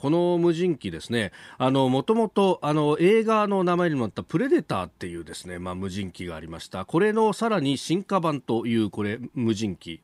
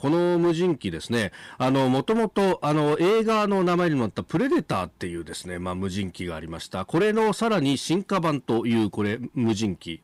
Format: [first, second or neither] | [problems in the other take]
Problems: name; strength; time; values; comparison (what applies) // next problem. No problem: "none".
first | distortion; slight; 12% of the sound clipped